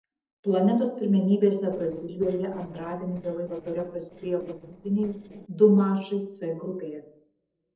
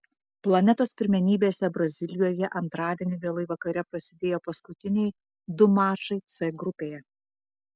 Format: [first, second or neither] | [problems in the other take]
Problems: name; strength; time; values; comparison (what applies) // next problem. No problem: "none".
second | noise reduction (neural separator model SepFormer DNS4)